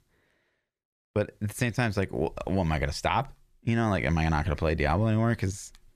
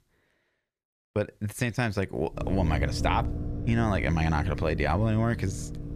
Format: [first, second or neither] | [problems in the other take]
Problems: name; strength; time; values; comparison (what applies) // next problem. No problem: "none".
first | low rumble; very faint; from 2.5 s on; 10 dB below the speech